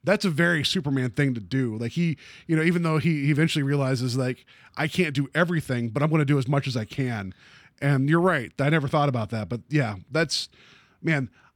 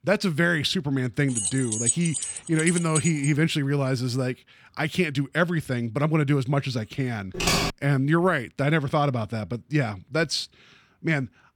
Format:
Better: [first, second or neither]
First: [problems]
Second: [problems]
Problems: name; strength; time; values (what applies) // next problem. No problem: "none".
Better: first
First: none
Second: jangling keys; loud; from 1.5 to 3.5 s; peak 1 dB above the speech // keyboard typing; loud; at 7.5 s; peak 2 dB above the speech